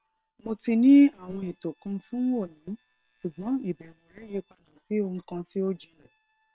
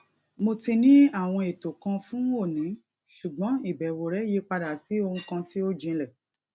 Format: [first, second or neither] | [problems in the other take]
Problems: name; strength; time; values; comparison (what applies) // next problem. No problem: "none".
second | noise reduction (neural separator model SepFormer WHAM!)